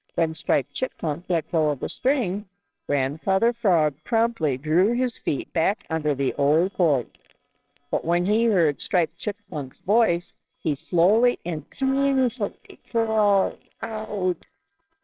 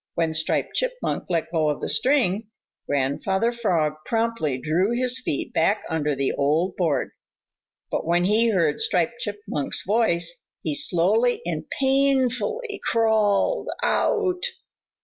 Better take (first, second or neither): second